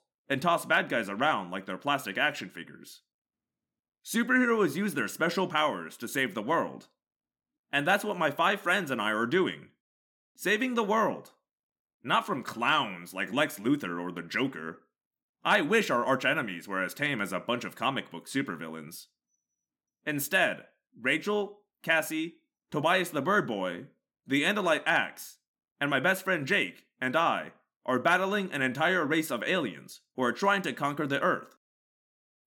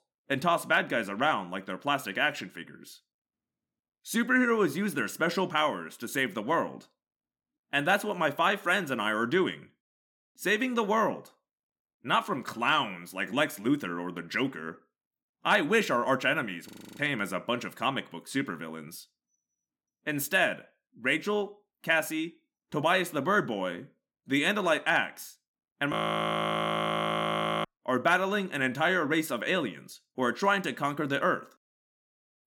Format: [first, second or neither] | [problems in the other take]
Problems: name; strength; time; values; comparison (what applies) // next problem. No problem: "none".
first | audio freezing; at 17 s and at 26 s for 1.5 s